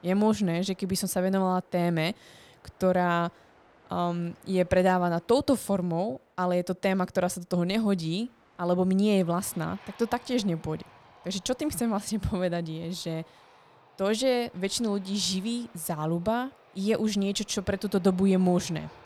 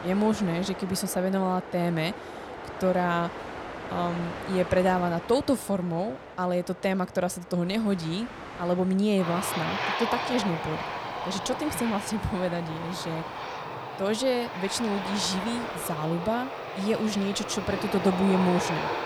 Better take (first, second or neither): first